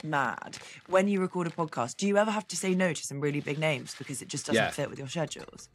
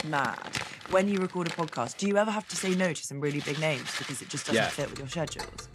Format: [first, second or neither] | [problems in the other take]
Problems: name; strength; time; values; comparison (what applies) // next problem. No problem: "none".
first | household noises; loud; throughout; 8 dB below the speech; faint in the first